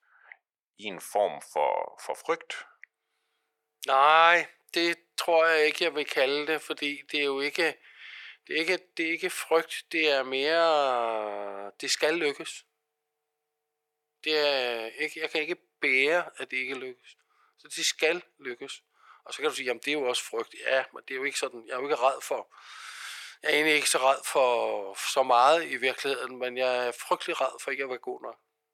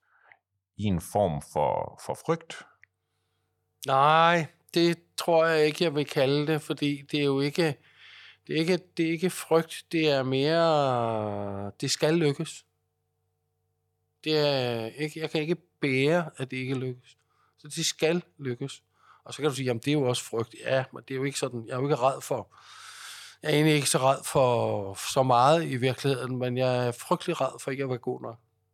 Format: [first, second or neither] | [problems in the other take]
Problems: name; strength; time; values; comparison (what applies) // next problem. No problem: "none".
second | thin; very; fading below 400 Hz